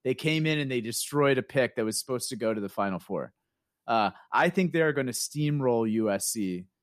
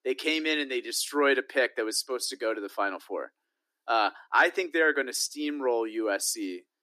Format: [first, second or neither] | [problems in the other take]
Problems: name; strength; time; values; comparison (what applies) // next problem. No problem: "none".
first | thin; somewhat; fading below 300 Hz